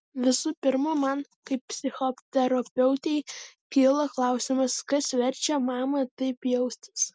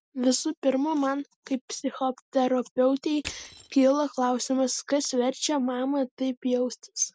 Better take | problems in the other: first | background sound (Crushing); 19 dB below the speech

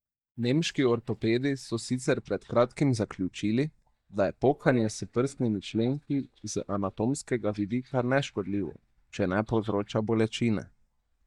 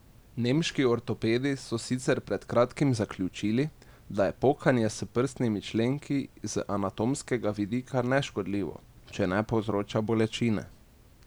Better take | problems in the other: second | noise reduction (neural mask model DeepFilterNet 3)

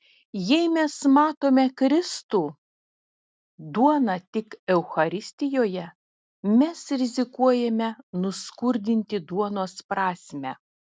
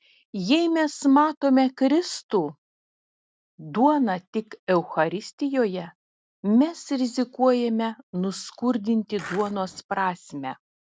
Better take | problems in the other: first | background sound (Skateboard); 15 dB below the speech

